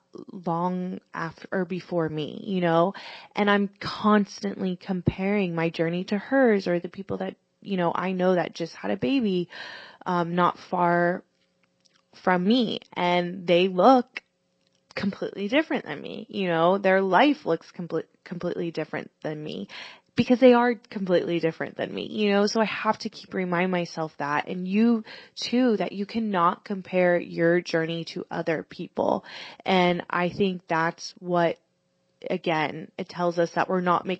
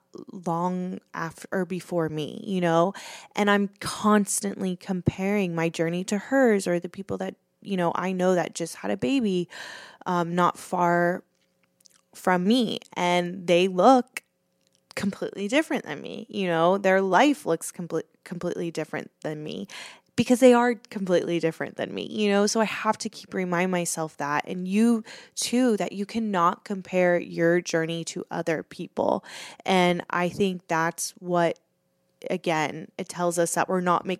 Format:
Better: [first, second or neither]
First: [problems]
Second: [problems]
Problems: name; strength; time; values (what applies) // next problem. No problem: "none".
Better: second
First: garbled, watery; slightly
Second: none